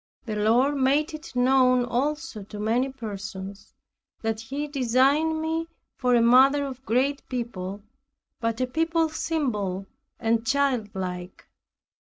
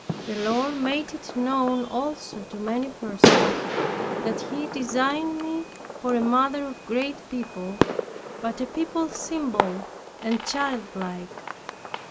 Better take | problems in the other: first | background sound (Fireworks); 1 dB below the speech

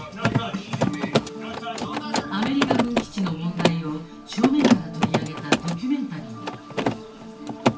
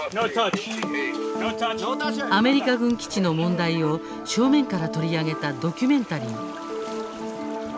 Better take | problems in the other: second | background sound (Mechanisms); 3 dB above the speech // room echo; dies away in 0.2 s

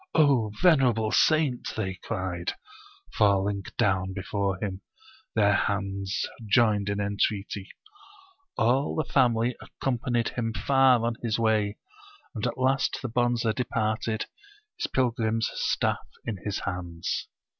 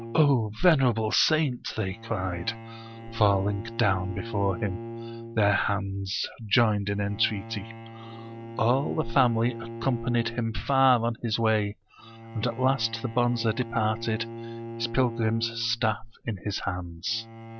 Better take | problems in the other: first | background sound (Bowed string instrument); 13 dB below the speech

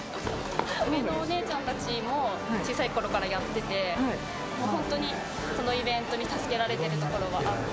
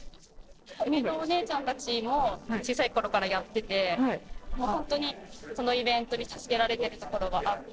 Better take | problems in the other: first | noise reduction (neural separator model SepFormer DNS4)

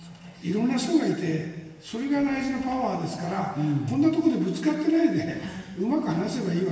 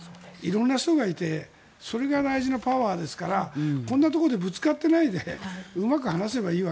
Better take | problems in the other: second | room echo; dies away in 1.2 s

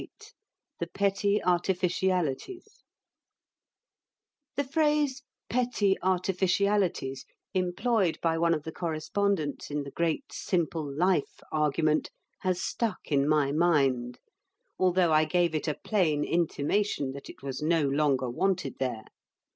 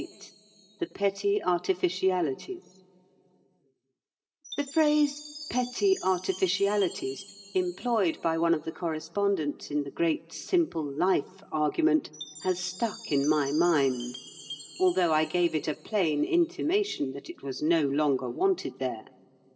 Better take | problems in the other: first | background sound (Chime); 19 dB below the speech // room echo; dies away in 0.6 s

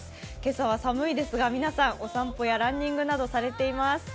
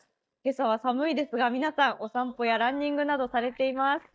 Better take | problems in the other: first | noise reduction (neural mask model DeepFilterNet 3)

